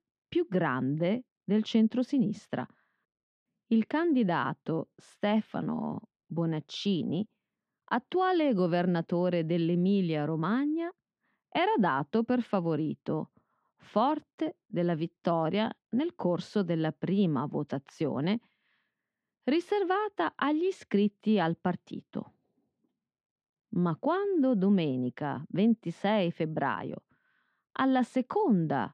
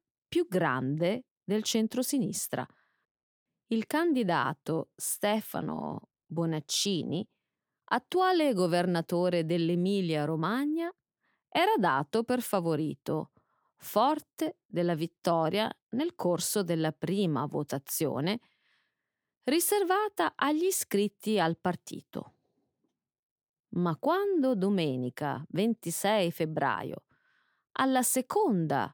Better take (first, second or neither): second